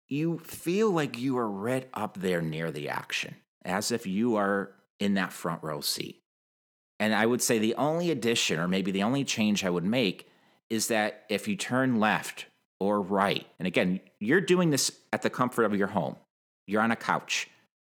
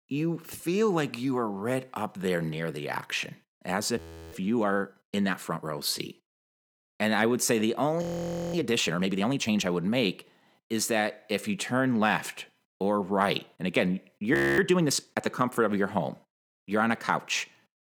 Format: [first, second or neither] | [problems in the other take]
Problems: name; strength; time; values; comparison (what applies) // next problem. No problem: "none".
first | audio freezing; at 4 s, at 8 s for 0.5 s and at 14 s